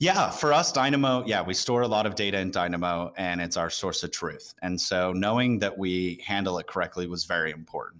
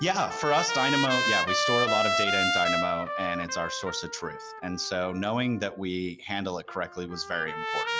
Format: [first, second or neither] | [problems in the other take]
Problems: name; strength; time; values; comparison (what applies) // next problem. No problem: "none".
first | background sound (Trumpet); as loud as the speech